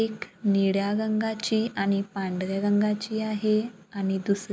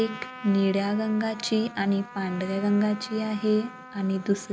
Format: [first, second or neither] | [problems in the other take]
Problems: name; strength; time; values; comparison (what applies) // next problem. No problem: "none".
first | background sound (Trumpet); 17 dB below the speech